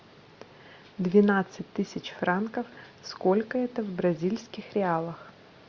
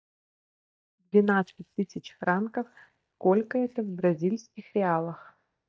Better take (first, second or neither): first